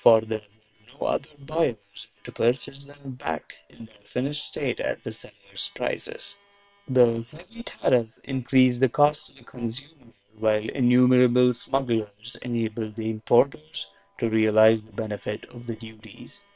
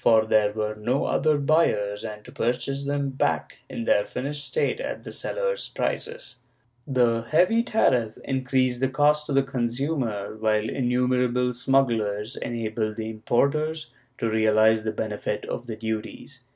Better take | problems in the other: second | noise reduction (neural separator model SepFormer WHAM!)

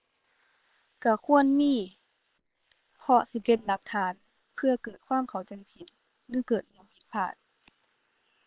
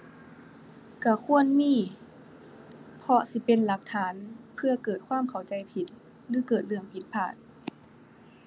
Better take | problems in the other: second | noise reduction (neural separator model SepFormer WHAM!)

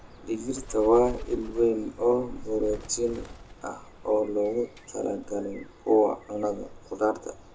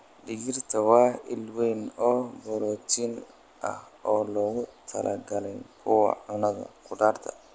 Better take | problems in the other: second | background sound (Bird); 15 dB below the speech // room echo; dies away in 0.2 s

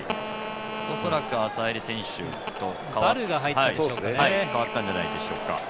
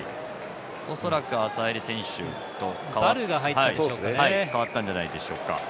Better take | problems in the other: second | background sound (Telephone); 9 dB below the speech

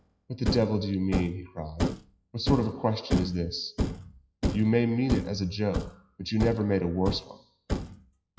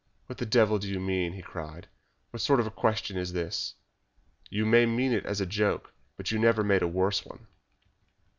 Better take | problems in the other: second | noise reduction (classical method WPE with log-MMSE)

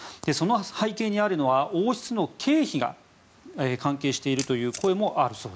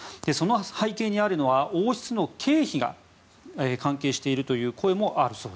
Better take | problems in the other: second | noise reduction (neural mask model Resemble Enhance denoiser)

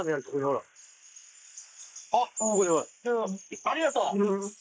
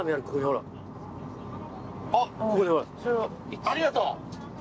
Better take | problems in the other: second | noise reduction (neural mask model Resemble Enhance denoiser)

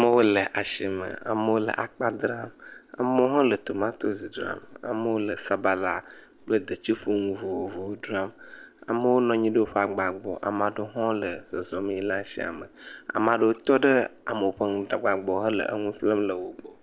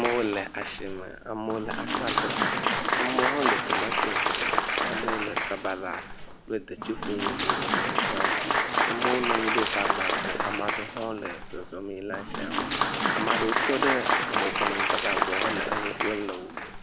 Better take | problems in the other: first | background sound (Applause); 5 dB above the speech

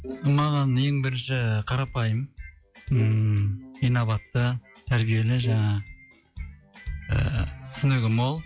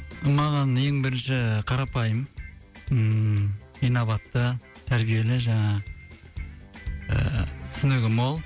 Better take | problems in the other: second | noise reduction (classical method log-MMSE)

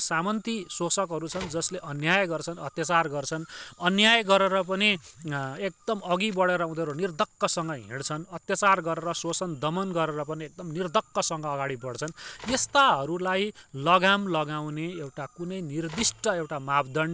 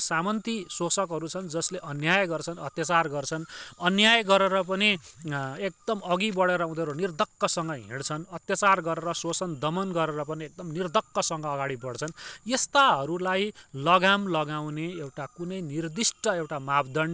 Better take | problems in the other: second | background sound (Telephone); 18 dB below the speech

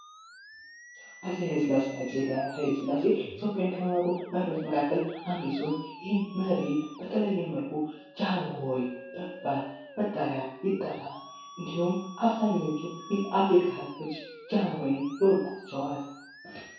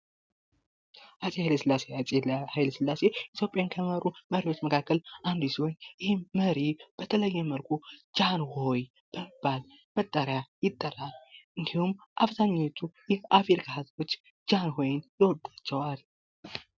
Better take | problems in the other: second | background sound (Musical instrument); 17 dB below the speech // room echo; dies away in 0.7 s

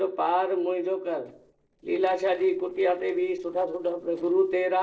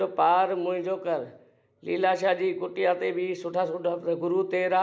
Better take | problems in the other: second | noise reduction (neural separator model SepFormer DNS4)

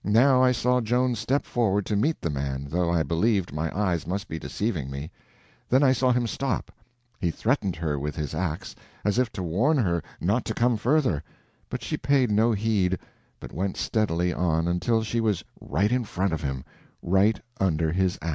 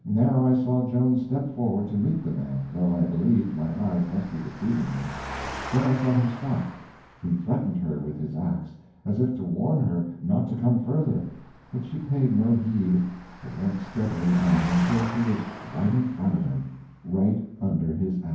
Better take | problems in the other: first | background sound (Engine); 16 dB below the speech // room echo; dies away in 0.9 s

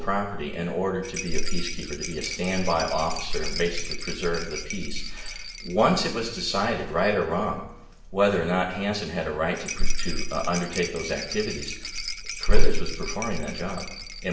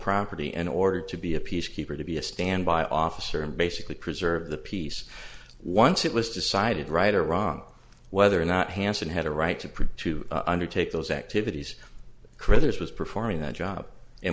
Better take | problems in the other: second | background sound (Rattle); 15 dB below the speech // room echo; dies away in 0.8 s

